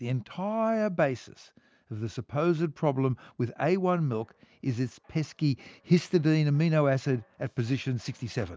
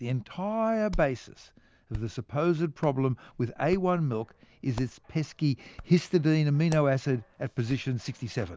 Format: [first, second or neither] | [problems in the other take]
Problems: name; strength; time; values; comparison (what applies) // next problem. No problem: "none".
first | background sound (Hands); 17 dB below the speech